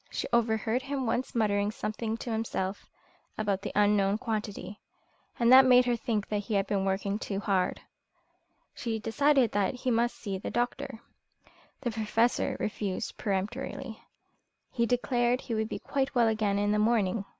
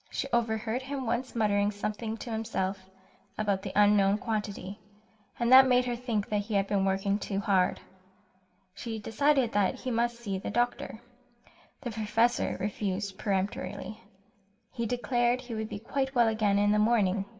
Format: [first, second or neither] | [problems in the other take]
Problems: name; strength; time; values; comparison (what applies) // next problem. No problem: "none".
first | room echo; dies away in 1 s